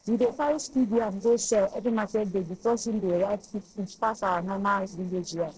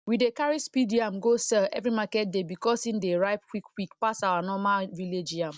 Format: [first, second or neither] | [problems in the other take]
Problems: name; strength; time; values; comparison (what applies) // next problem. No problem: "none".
second | noise reduction (neural separator model SepFormer DNS4)